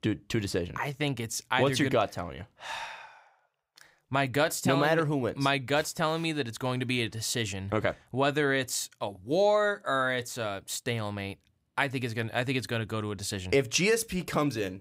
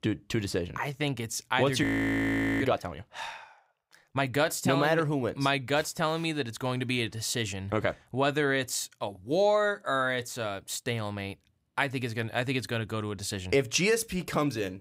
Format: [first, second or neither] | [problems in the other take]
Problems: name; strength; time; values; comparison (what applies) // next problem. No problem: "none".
first | audio freezing; at 2 s for 1 s